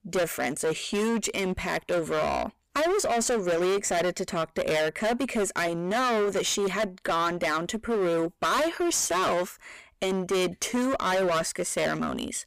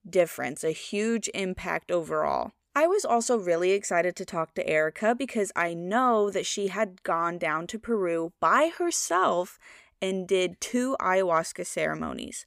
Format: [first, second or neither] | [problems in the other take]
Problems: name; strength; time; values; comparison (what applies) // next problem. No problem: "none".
second | distortion; heavy; 25% of the sound clipped